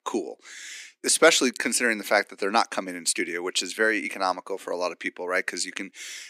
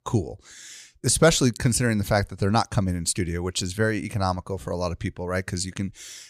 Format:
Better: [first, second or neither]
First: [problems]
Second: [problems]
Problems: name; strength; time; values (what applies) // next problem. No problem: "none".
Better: second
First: thin; somewhat; fading below 250 Hz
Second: none